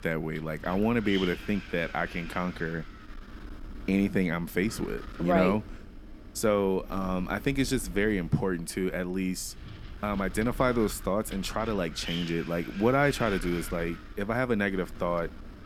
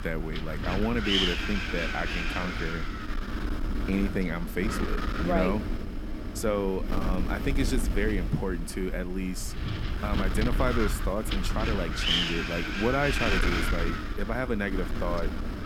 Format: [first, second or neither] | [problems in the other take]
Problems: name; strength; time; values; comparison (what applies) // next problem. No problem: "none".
first | wind noise on the microphone; heavy; as loud as the speech; occasional gusts in the first